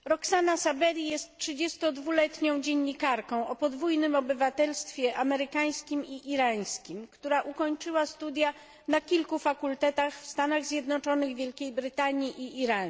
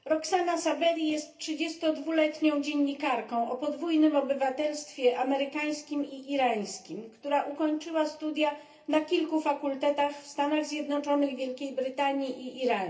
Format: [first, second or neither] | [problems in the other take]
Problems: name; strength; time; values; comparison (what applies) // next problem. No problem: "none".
first | room echo; dies away in 0.3 s